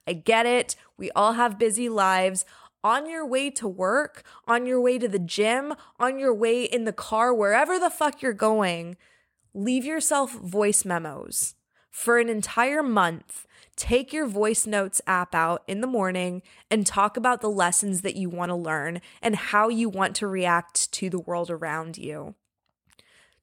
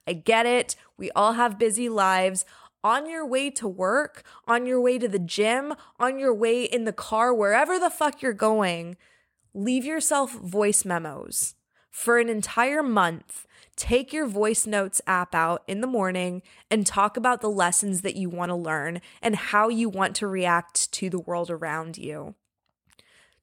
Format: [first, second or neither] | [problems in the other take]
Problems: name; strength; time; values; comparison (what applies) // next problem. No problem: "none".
neither | none